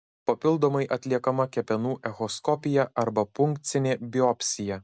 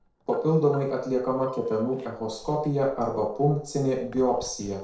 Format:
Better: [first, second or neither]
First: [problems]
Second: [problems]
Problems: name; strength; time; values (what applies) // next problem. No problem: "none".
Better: first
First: none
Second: noise reduction (neural separator model SepFormer DNS4)